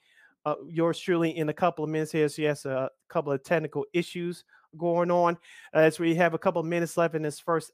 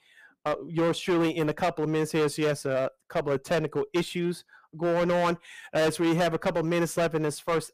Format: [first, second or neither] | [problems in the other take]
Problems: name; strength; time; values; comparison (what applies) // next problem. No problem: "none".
first | distortion; heavy; 14% of the sound clipped